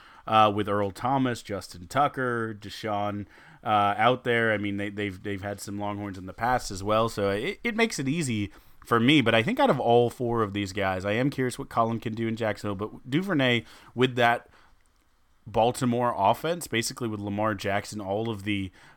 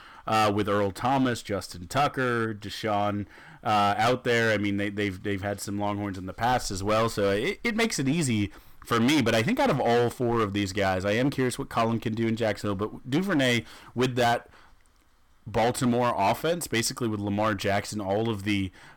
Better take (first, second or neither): first